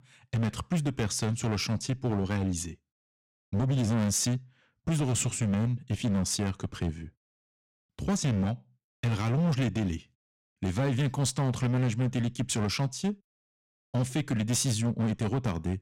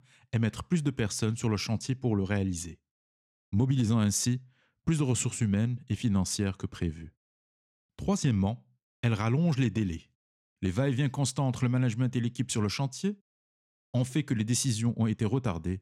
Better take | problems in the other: second | distortion; slight; 13% of the sound clipped

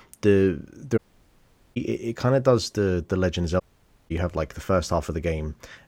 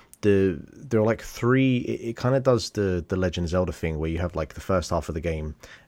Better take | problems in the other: second | audio cutting out; at 1 s for 1 s and at 3.5 s

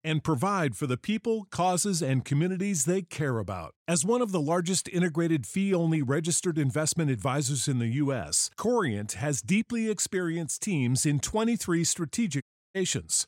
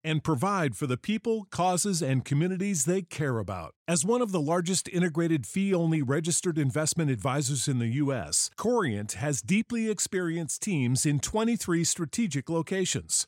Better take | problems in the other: second | audio cutting out; at 12 s

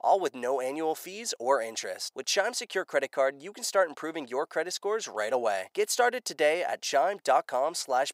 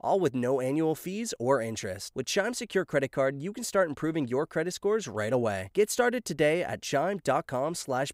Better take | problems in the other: second | thin; very; fading below 500 Hz

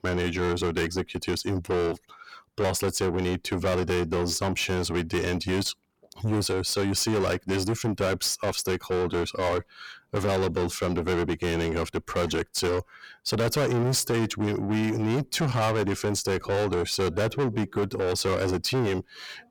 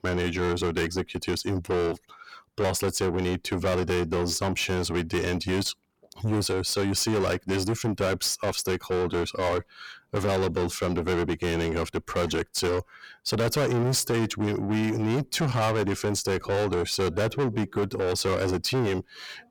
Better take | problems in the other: neither | distortion; heavy; 6 dB below the speech; the same in both

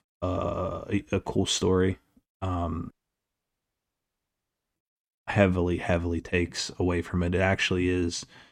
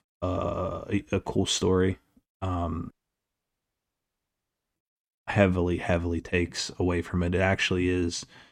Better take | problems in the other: neither | audio cutting out; at 3 s for 2 s; the same in both

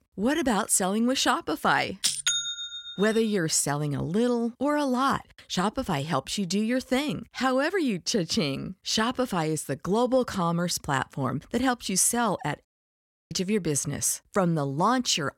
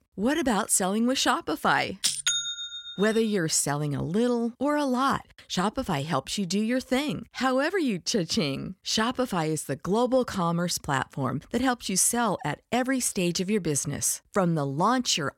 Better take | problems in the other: second | audio cutting out; at 13 s for 0.5 s

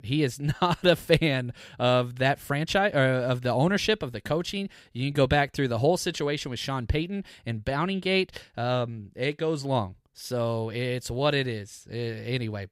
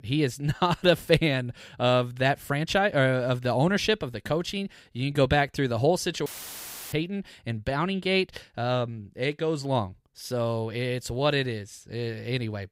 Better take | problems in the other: first | audio cutting out; filled with static; at 6.5 s for 0.5 s

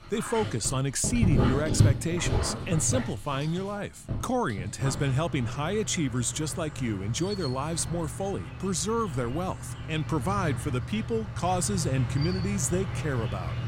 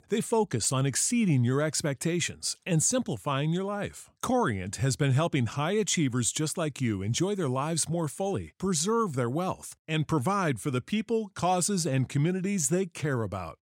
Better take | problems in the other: second | animal sounds; loud; throughout; 4 dB below the speech

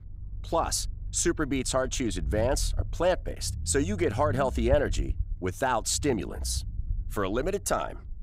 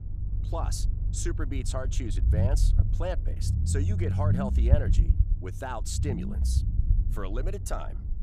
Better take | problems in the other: first | low rumble; loud; throughout; 6 dB below the speech; faint in the first

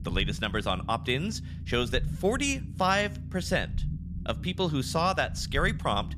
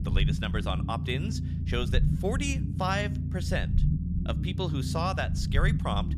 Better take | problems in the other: first | low rumble; loud; throughout; 9 dB below the speech; faint in the first

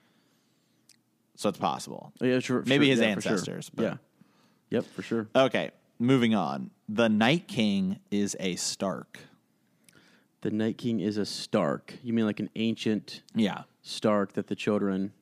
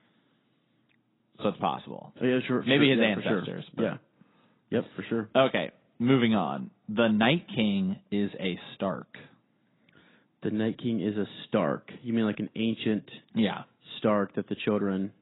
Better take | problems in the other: first | garbled, watery; badly; nothing above 4 kHz

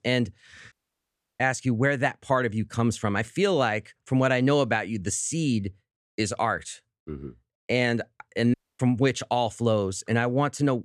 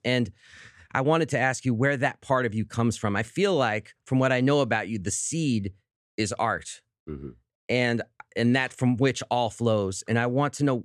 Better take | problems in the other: second | audio cutting out; at 0.5 s for 0.5 s and at 8.5 s

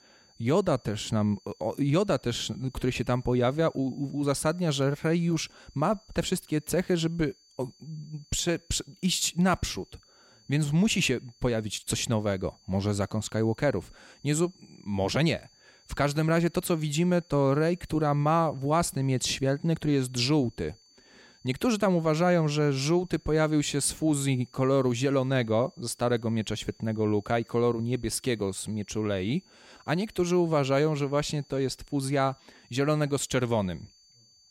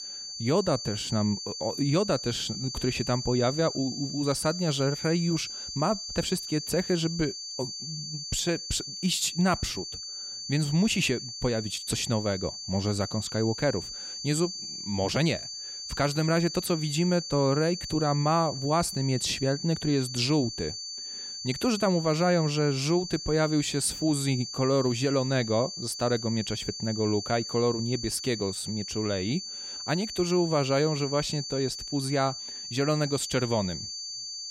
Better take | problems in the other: first | high-pitched whine; loud; throughout; 4.5 kHz, 7 dB below the speech; faint in the first

